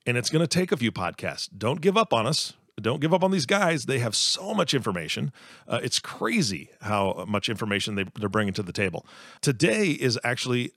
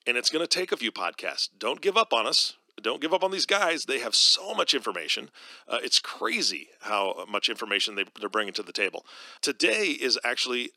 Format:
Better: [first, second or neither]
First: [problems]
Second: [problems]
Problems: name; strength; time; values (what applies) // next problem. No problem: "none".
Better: first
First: none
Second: thin; somewhat; fading below 300 Hz